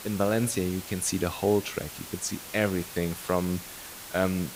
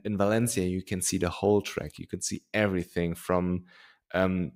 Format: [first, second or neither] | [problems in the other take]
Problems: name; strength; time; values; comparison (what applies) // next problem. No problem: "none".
second | hiss; noticeable; throughout; 10 dB below the speech